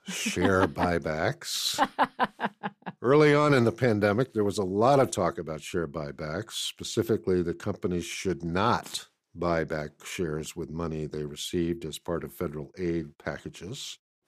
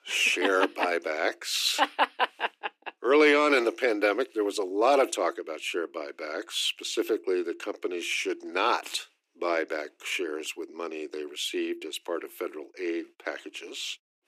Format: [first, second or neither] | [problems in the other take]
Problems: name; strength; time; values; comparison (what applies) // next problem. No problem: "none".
first | thin; somewhat; fading below 300 Hz